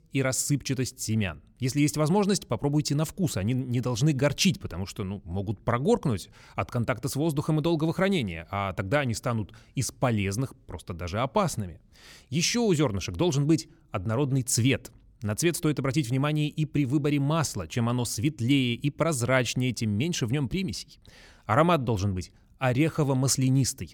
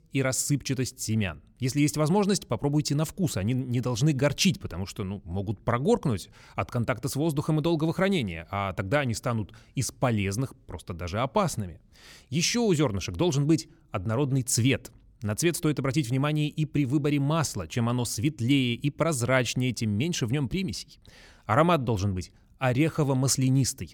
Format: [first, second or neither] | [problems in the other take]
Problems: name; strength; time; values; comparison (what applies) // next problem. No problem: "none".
neither | none